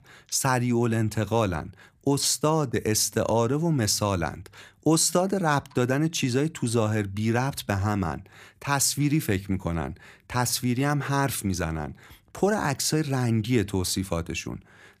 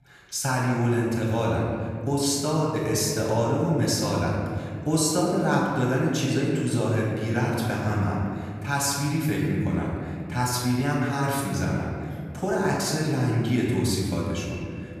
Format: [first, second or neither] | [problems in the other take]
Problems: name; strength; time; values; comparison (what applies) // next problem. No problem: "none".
first | off-mic speech; far // room echo; noticeable; dies away in 2.1 s